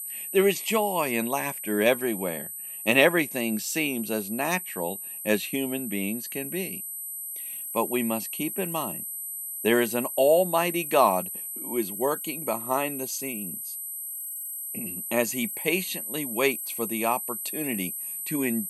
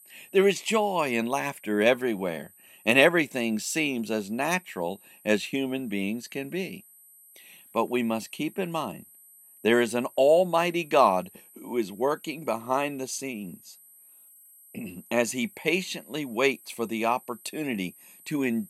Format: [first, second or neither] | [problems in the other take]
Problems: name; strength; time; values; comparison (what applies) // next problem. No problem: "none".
second | high-pitched whine; loud; throughout; 12 kHz, 6 dB below the speech; faint in the second